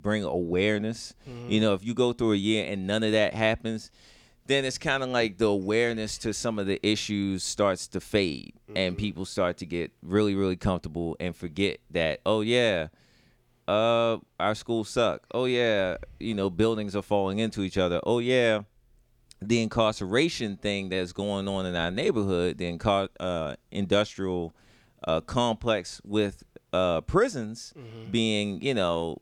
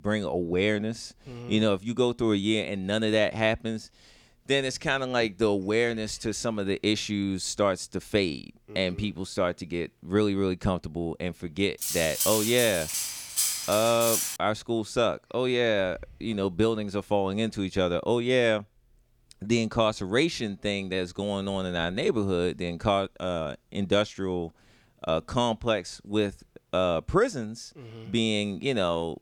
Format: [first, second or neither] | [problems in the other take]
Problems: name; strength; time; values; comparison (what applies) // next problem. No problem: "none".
first | clattering dishes; loud; from 12 to 14 s; peak 2 dB above the speech